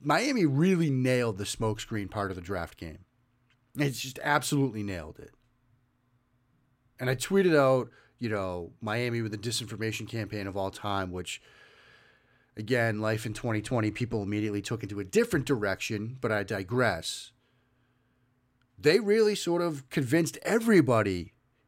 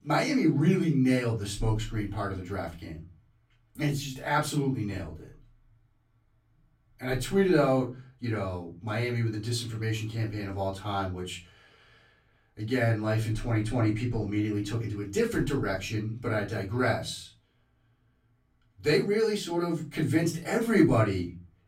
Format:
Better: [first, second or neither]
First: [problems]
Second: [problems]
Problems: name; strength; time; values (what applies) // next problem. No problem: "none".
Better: first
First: none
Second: room echo; very slight; dies away in 0.3 s // off-mic speech; far